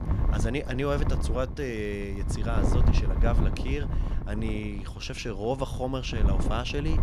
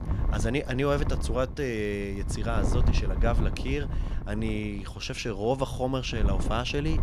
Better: second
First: wind noise on the microphone; heavy; 7 dB below the speech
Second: wind noise on the microphone; occasional gusts; 10 dB below the speech

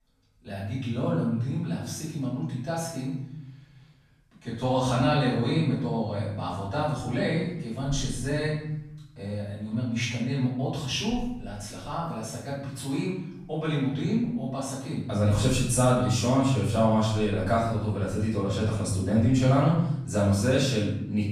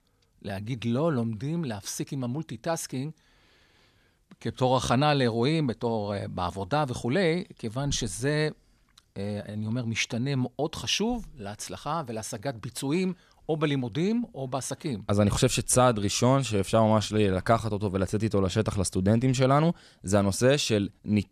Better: second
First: off-mic speech; far // room echo; noticeable; dies away in 0.9 s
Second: none

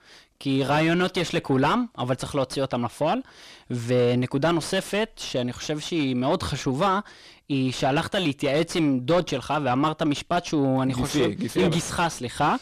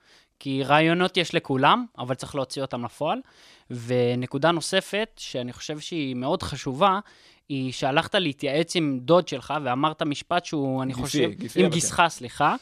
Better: second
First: distortion; heavy; 6 dB below the speech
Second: none

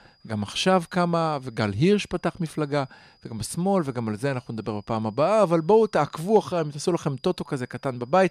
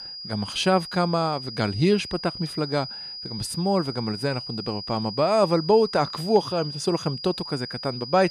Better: first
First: high-pitched whine; faint; throughout; 5 kHz, 35 dB below the speech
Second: high-pitched whine; loud; throughout; 5 kHz, 9 dB below the speech

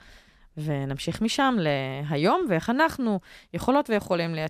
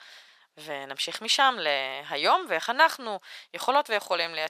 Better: first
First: none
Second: thin; very; fading below 800 Hz

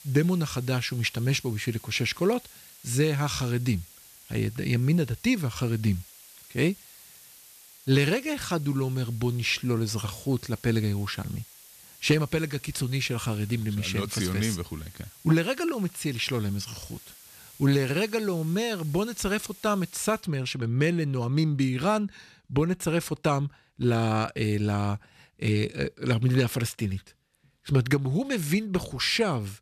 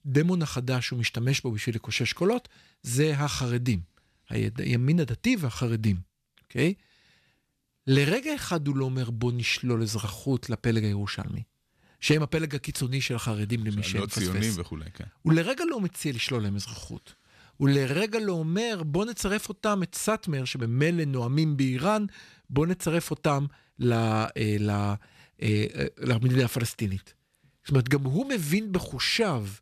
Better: second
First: hiss; faint; until 20 s; 20 dB below the speech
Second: none

